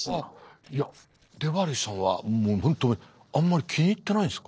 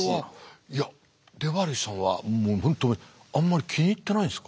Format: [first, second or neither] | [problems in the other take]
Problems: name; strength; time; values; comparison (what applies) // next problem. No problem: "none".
second | noise reduction (neural separator model SepFormer DNS4)